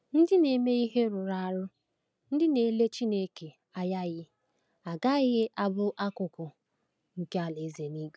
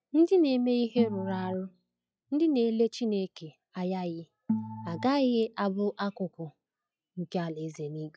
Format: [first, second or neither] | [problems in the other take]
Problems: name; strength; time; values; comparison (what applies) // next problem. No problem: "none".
first | noise reduction (classical method log-MMSE)